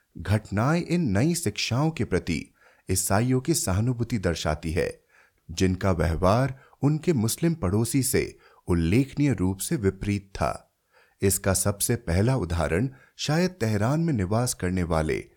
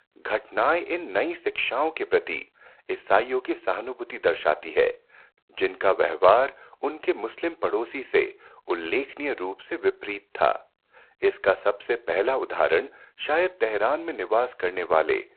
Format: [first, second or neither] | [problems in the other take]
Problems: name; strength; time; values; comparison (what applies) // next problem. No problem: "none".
first | phone-call audio; poor line; nothing above 4 kHz